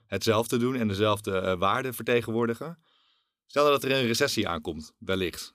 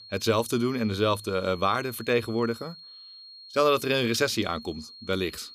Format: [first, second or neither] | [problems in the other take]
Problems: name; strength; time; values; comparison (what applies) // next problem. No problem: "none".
first | high-pitched whine; noticeable; throughout; 4.5 kHz, 20 dB below the speech